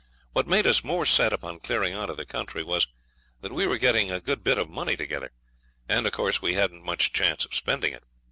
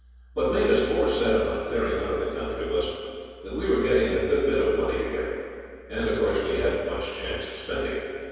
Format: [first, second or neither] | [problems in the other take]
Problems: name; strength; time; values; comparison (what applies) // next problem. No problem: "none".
first | room echo; dies away in 2.2 s